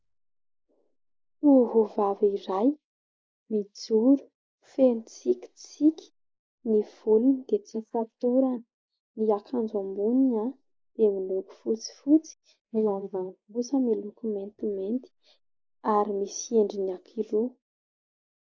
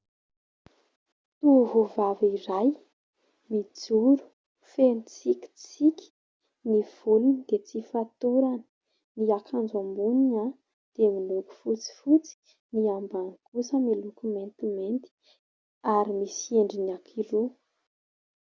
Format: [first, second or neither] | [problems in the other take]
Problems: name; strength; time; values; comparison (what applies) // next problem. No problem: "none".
second | noise reduction (neural mask model Resemble Enhance denoiser)